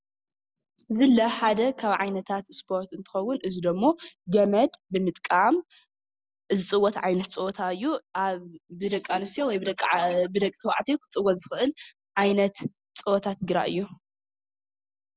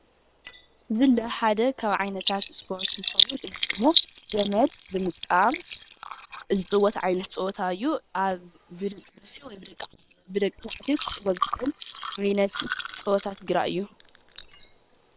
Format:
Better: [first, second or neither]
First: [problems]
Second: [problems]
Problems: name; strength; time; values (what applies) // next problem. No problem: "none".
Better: first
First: none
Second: noise reduction (neural separator model SepFormer WHAM!)